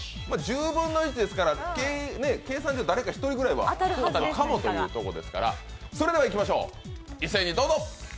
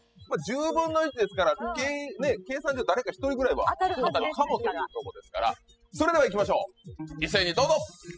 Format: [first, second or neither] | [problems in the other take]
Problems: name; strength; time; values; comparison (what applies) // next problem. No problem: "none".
first | noise reduction (classical method spectral subtraction)